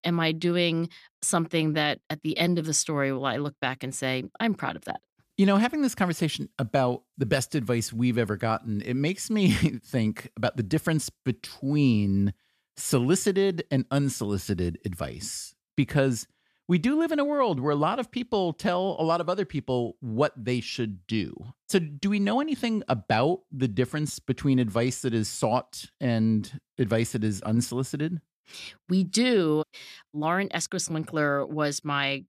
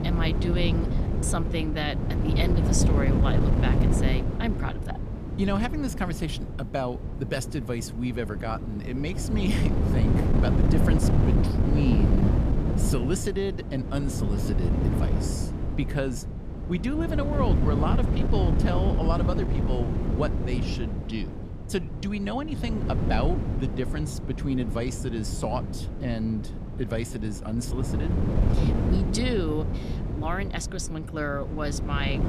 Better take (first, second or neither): first